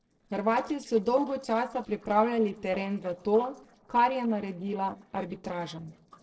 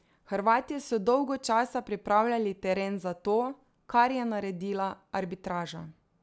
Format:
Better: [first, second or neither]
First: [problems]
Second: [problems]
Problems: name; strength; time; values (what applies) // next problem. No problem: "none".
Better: second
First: noise reduction (neural separator model SepFormer DNS4)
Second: none